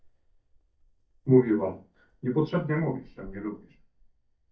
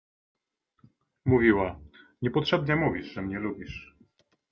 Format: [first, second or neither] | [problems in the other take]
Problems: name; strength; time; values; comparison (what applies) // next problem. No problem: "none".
second | noise reduction (neural mask model DeepFilterNet 3)